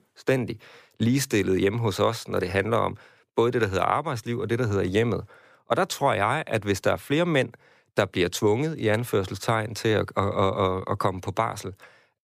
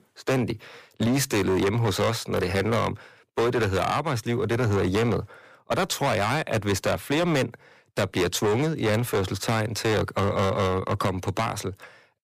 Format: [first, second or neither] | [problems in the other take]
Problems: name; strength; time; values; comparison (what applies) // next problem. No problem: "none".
first | distortion; heavy; 16% of the sound clipped